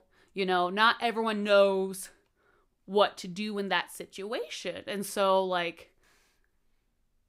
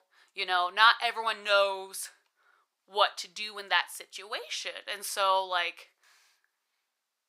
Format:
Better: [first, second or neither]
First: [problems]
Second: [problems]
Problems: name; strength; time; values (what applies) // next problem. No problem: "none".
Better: first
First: none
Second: thin; very; fading below 950 Hz